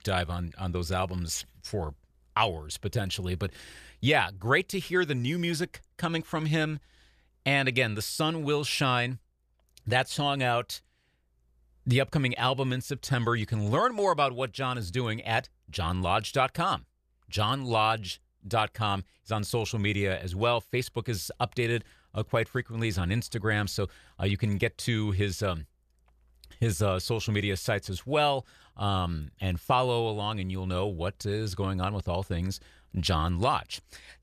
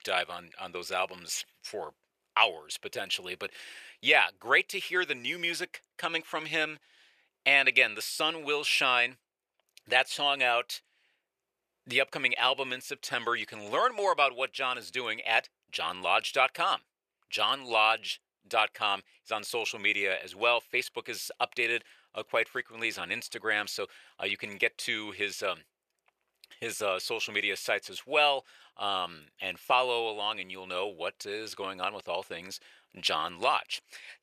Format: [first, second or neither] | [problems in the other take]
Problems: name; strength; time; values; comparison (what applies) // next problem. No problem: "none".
first | thin; very; fading below 500 Hz